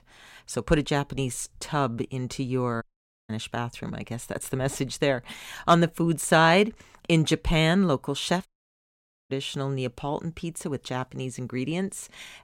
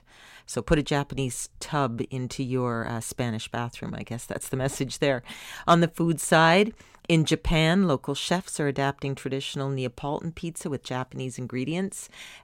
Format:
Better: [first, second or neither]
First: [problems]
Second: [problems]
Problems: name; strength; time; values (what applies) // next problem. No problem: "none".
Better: second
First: audio cutting out; at 3 s and at 8.5 s for 1 s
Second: none